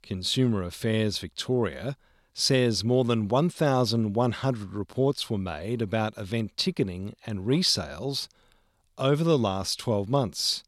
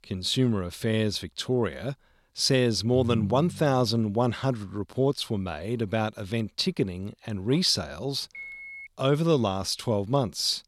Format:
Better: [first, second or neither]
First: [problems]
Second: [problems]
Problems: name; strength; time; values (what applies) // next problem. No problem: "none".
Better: first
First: none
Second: phone ringing; noticeable; at 3 s; peak 7 dB below the speech // phone ringing; faint; at 8.5 s; peak 10 dB below the speech